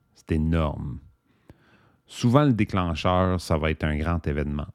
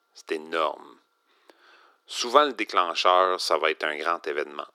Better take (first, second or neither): first